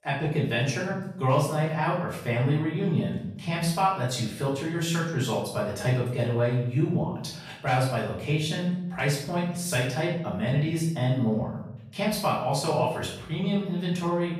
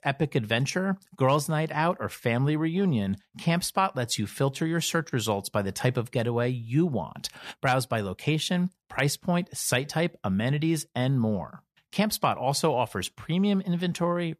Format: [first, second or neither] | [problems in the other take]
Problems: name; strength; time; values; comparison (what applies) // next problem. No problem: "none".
second | off-mic speech; far // room echo; noticeable; dies away in 0.7 s